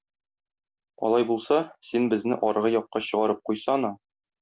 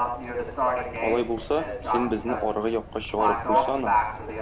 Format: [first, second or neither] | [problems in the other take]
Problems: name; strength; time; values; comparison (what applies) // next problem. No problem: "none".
first | background sound (Livestock, farm animals, working animals); 2 dB above the speech